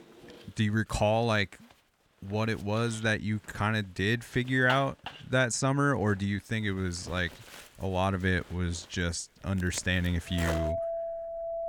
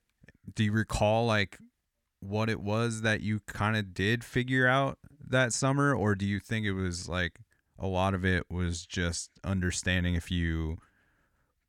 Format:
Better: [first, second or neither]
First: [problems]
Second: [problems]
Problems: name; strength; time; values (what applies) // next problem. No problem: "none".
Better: second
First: household noises; loud; throughout; 10 dB below the speech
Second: none